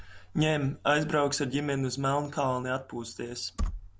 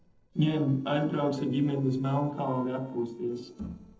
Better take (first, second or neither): first